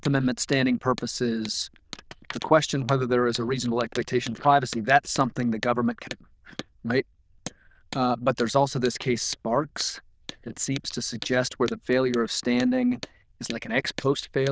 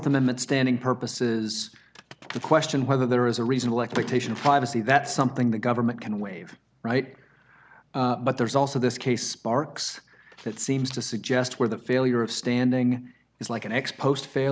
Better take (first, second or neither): second